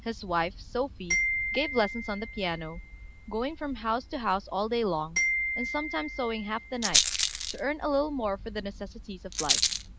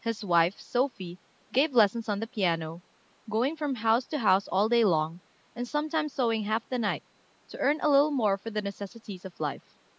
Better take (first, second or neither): second